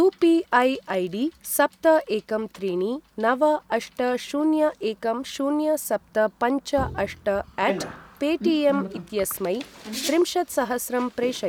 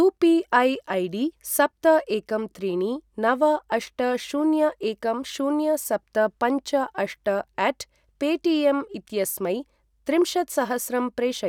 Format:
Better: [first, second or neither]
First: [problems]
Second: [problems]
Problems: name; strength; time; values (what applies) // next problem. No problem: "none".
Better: second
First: background sound (Bicycle + Bowed string instrument); 15 dB below the speech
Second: none